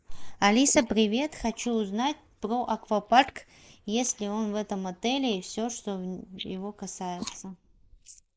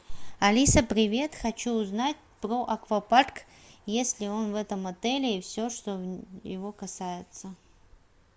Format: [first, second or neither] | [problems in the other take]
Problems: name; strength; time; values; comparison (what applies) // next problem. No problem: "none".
second | noise reduction (neural mask model Resemble Enhance denoiser)